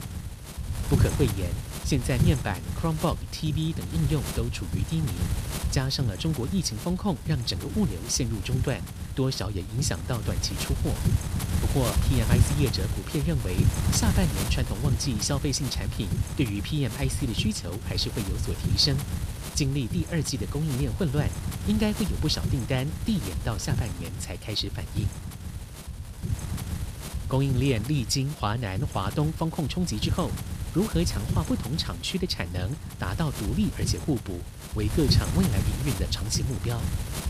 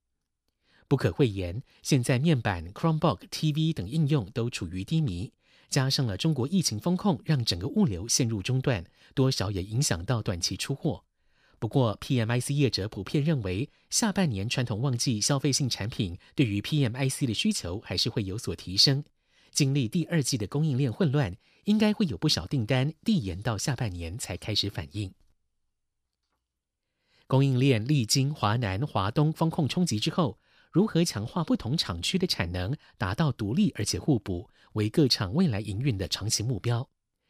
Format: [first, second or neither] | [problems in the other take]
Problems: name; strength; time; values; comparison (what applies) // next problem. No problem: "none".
second | wind noise on the microphone; heavy; 7 dB below the speech